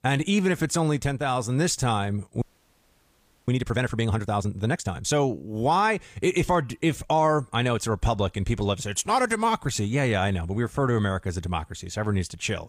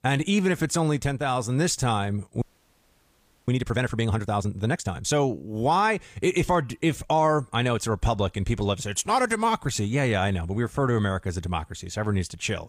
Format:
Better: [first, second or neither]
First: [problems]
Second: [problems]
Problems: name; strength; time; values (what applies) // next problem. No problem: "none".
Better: neither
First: audio freezing; at 2.5 s for 1 s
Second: audio freezing; at 2.5 s for 1 s